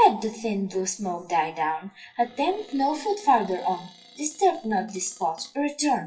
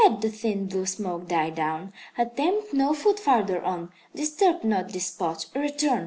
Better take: second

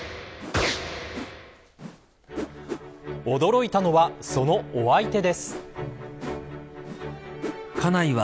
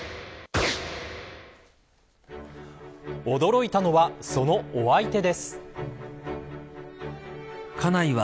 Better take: second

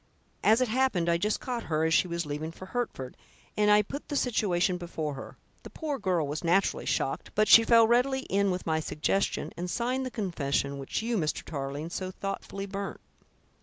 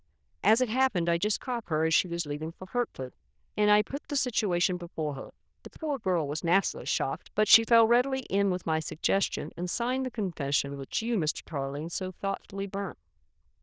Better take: first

